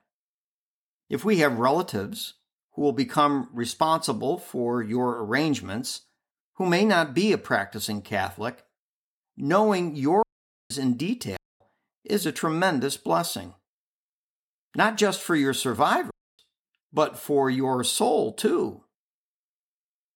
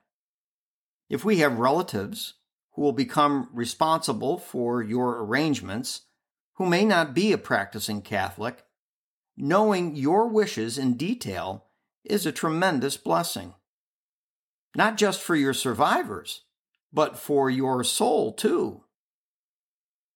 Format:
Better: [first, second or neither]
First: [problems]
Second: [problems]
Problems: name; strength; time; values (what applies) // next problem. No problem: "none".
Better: second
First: audio cutting out; at 10 s, at 11 s and at 16 s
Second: none